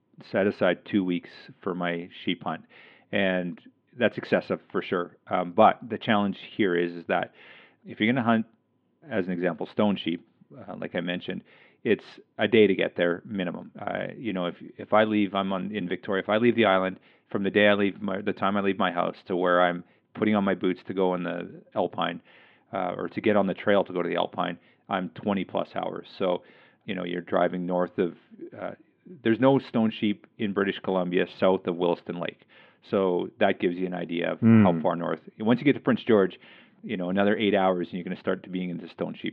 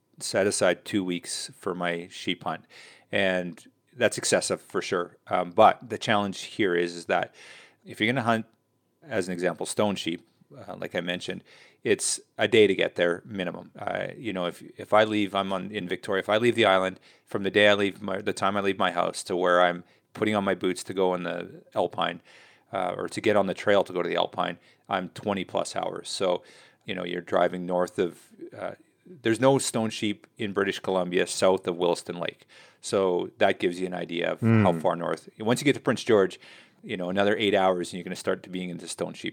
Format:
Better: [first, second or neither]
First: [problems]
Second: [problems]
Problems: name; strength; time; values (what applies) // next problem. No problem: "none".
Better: second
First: muffled; very; fading above 3 kHz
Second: none